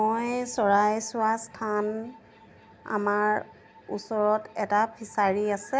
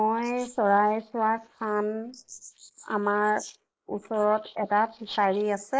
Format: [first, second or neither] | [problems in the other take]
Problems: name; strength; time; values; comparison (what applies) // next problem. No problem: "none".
first | noise reduction (neural mask model Resemble Enhance denoiser)